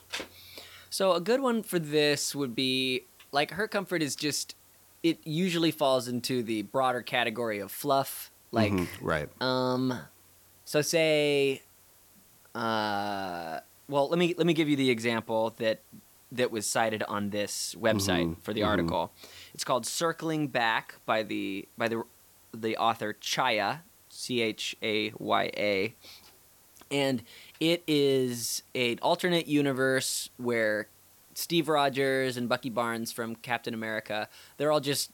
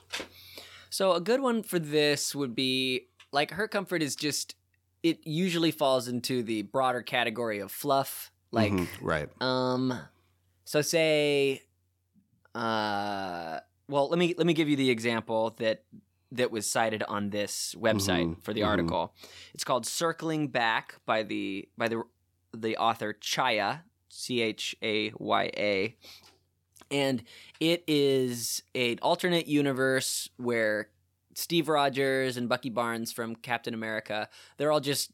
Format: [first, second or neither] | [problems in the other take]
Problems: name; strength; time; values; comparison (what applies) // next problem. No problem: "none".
second | hiss; faint; throughout; 25 dB below the speech